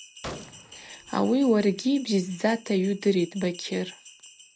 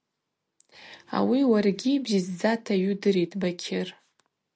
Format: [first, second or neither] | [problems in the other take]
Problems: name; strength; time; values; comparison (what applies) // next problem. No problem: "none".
second | background sound (Bell + Gunshot, gunfire); 19 dB below the speech